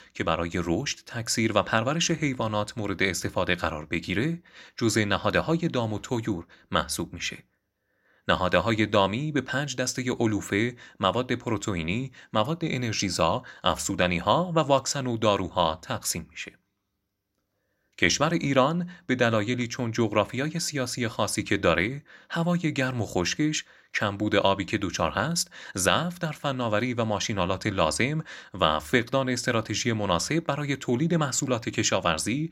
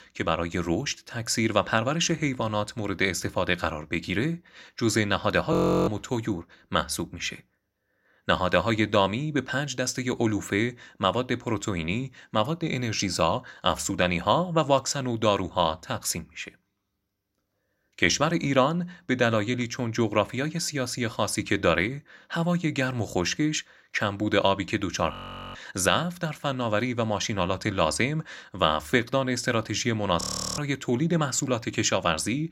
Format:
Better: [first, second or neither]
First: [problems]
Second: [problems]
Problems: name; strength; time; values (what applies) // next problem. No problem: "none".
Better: first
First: none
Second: audio freezing; at 5.5 s, at 25 s and at 30 s